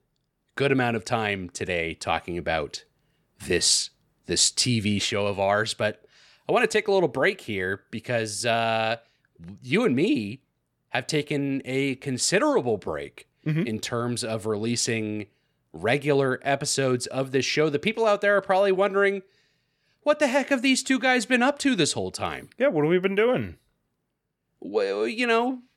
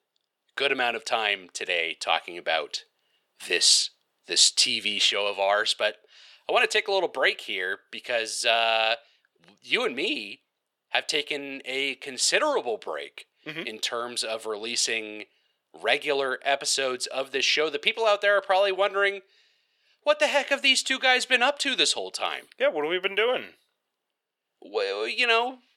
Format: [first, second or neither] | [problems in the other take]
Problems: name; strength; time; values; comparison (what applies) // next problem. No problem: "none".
first | thin; somewhat; fading below 600 Hz